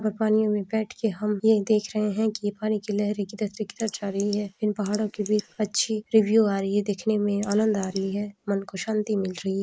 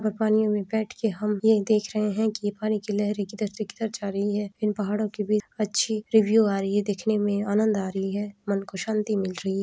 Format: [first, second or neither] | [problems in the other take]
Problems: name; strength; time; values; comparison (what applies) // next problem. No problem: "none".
second | noise reduction (neural mask model Resemble Enhance denoiser)